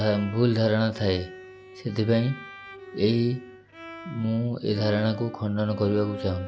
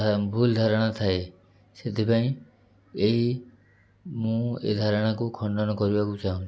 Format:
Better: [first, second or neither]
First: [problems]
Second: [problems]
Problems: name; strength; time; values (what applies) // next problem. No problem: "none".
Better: second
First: background sound (Bowed string instrument); 16 dB below the speech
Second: none